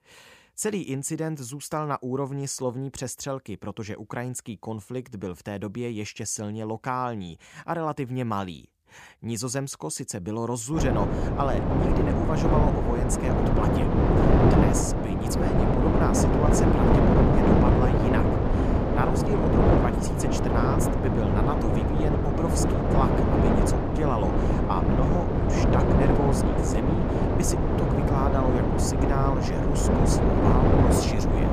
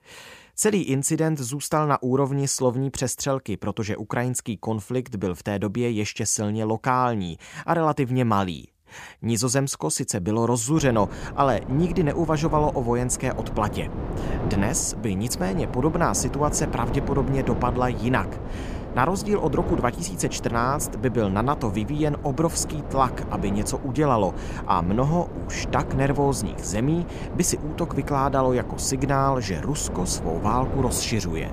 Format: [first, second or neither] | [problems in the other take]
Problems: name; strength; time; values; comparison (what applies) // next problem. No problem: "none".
second | wind noise on the microphone; heavy; from 11 s on; 5 dB above the speech; occasional gusts in the second